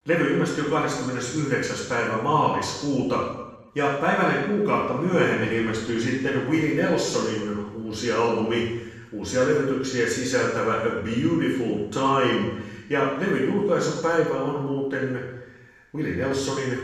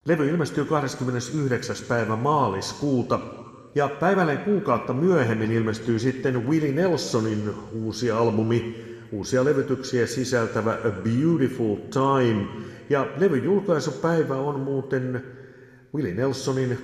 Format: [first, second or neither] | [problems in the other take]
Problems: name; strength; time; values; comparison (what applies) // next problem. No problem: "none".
second | room echo; strong; dies away in 0.9 s; slight in the second // off-mic speech; far